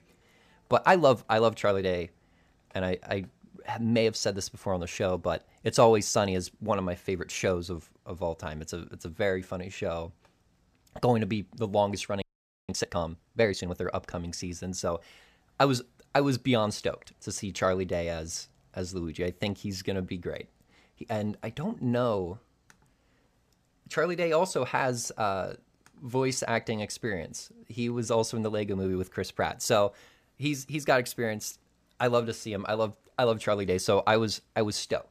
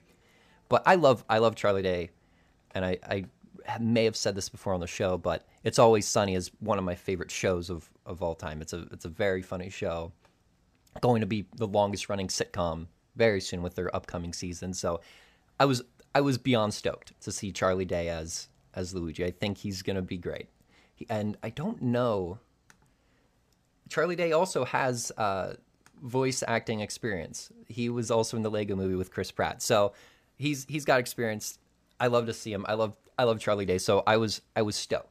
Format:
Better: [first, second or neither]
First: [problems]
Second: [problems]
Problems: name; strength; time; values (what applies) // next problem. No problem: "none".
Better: second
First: audio freezing; at 12 s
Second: none